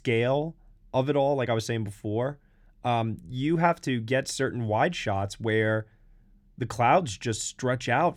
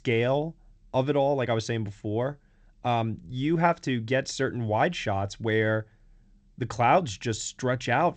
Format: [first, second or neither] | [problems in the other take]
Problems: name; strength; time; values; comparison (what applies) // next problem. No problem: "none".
first | garbled, watery; slightly; nothing above 7.5 kHz